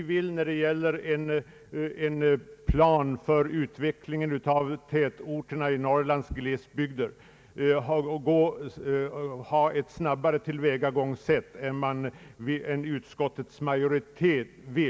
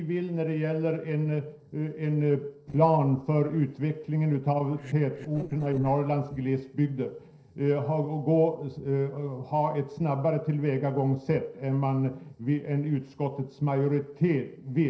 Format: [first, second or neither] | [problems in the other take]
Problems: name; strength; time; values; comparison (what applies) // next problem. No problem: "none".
first | noise reduction (neural separator model SepFormer DNS4)